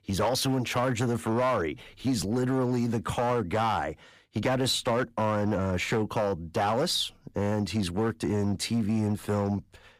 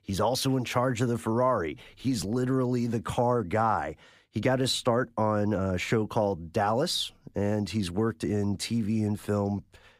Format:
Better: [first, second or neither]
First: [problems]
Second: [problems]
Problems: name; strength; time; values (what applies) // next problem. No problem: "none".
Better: second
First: distortion; slight; 9% of the sound clipped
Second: none